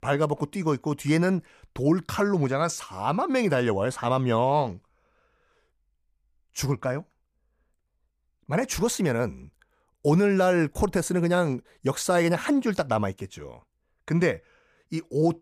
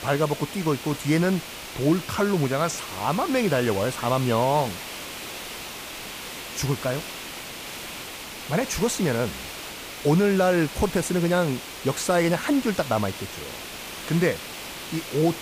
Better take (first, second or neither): first